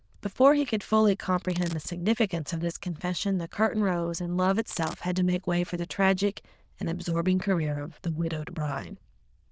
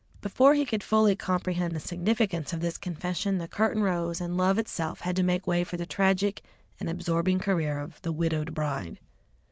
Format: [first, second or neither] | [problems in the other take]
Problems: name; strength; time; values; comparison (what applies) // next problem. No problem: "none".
second | noise reduction (neural diffusion model UNIVERSE++)